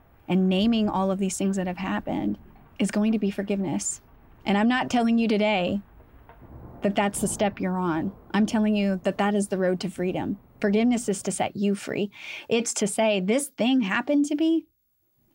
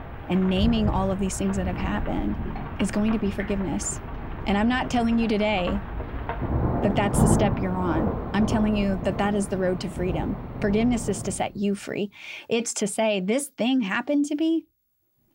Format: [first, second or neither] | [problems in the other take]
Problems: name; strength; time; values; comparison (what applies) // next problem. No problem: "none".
first | rain or running water; loud; until 11 s; 5 dB below the speech; faint in the first